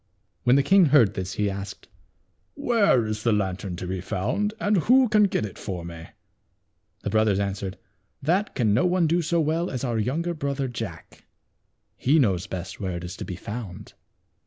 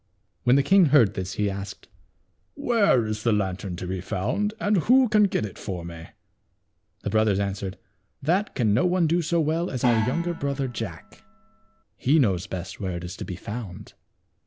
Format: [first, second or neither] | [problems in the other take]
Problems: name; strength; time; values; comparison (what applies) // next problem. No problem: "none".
first | background sound (Gong); 8 dB below the speech